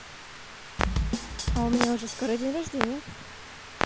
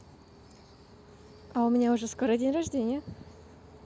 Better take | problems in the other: second | background sound (Bass drum / Snare drum + Clock); as loud as the speech

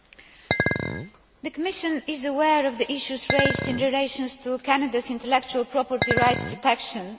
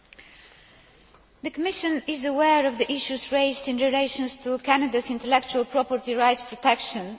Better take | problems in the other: second | background sound (Chink, clink); 2 dB below the speech

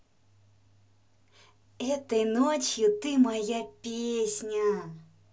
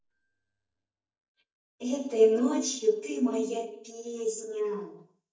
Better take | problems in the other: first | noise reduction (neural mask model DeepFilterNet 3)

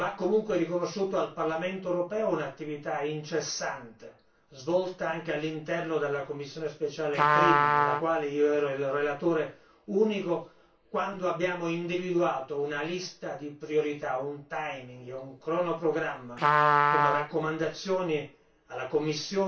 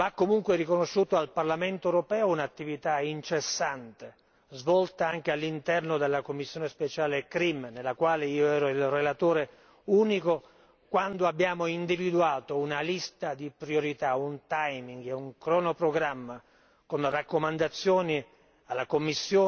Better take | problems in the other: second | background sound (Trumpet); 2 dB above the speech // room echo; dies away in 0.3 s

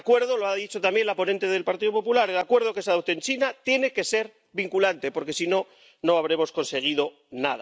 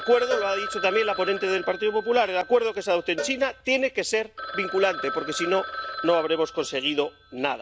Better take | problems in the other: first | background sound (Cowbell + Telephone); 10 dB below the speech

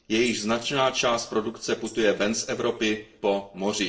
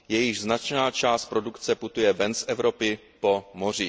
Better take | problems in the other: second | noise reduction (neural separator model SepFormer DNS4)

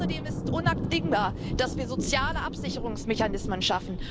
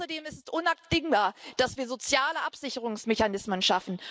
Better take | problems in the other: second | background sound (Thunder); 1 dB below the speech

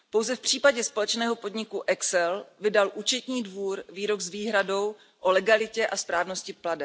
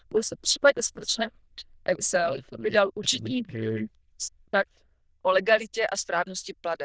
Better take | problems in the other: first | noise reduction (neural diffusion model UNIVERSE++)

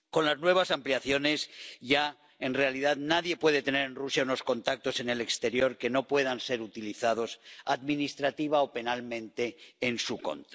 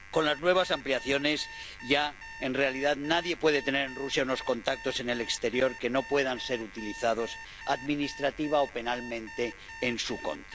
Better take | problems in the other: first | background sound (Alarm); 15 dB below the speech

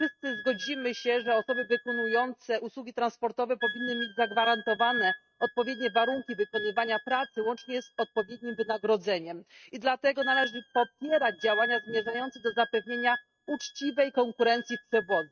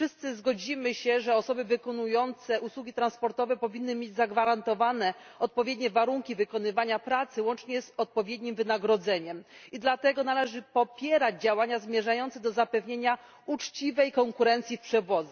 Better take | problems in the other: second | noise reduction (neural mask model RNNoise)

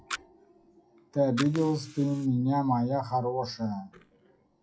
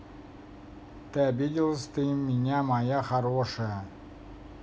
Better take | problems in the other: second | noise reduction (classical method WPE with log-MMSE)

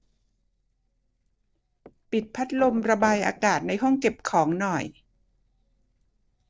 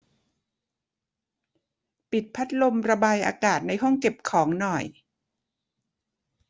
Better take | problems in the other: second | noise reduction (neural separator model SepFormer DNS4)

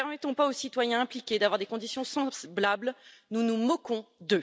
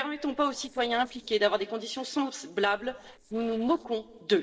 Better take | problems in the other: first | noise reduction (neural separator model SepFormer DNS4)

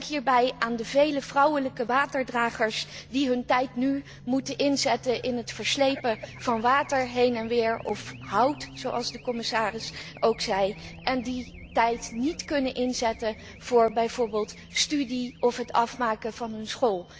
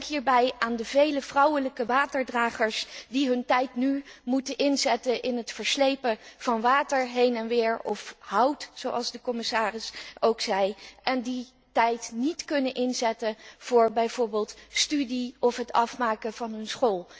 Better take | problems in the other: second | background sound (Race car, auto racing / Alarm); 19 dB below the speech

